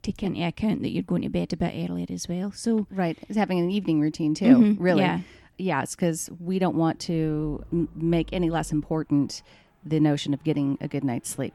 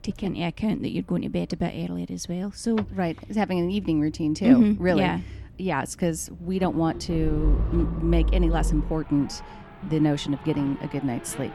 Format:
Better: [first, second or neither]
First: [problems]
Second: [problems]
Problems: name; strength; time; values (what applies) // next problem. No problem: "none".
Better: first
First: traffic noise; faint; throughout; 25 dB below the speech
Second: traffic noise; loud; throughout; 7 dB below the speech